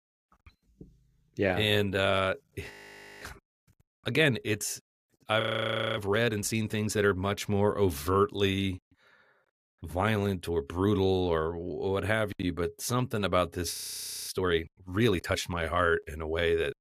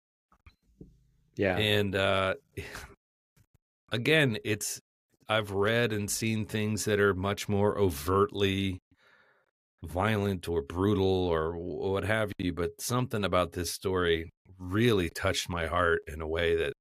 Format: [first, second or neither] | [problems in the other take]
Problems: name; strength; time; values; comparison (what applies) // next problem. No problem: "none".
second | audio freezing; at 2.5 s for 0.5 s, at 5.5 s for 0.5 s and at 14 s for 0.5 s